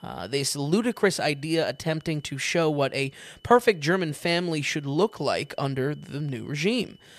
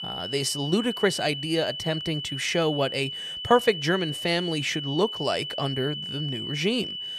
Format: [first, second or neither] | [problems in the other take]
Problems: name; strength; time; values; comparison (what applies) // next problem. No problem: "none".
first | high-pitched whine; loud; throughout; 3 kHz, 5 dB below the speech; faint in the first